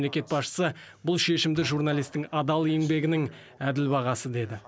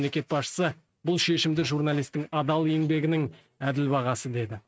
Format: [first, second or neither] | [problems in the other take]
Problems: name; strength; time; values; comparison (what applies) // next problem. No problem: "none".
first | noise reduction (neural mask model RNNoise)